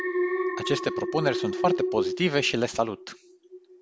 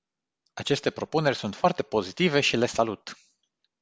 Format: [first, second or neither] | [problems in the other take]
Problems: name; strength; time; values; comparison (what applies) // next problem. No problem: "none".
second | background sound (Alarm); 1 dB below the speech